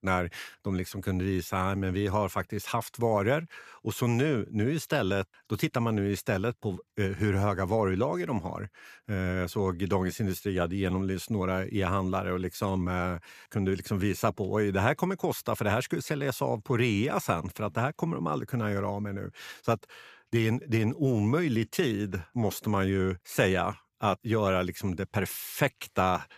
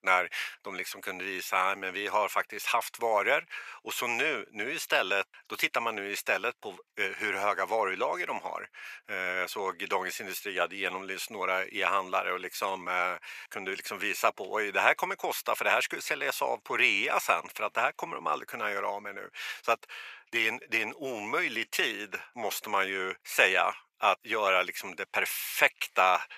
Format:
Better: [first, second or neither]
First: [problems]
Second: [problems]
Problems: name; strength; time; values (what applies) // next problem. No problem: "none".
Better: first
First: none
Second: thin; very; fading below 750 Hz